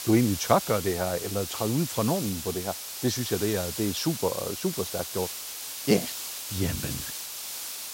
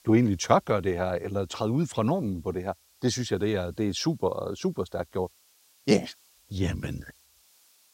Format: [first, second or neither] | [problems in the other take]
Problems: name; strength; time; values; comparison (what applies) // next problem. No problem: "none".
second | hiss; loud; throughout; 5 dB below the speech; faint in the second